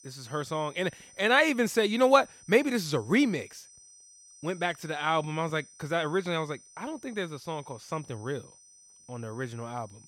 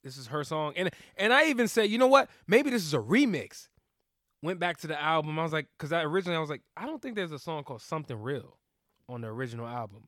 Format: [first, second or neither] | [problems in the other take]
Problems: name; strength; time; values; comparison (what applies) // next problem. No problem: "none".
second | high-pitched whine; faint; throughout; 6 kHz, 25 dB below the speech